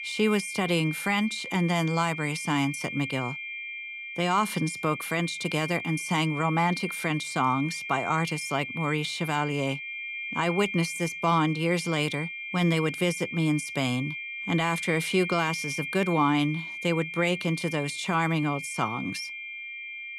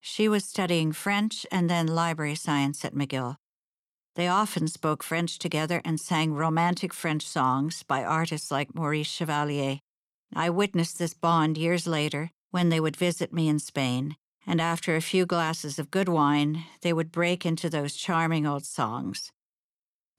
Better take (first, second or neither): second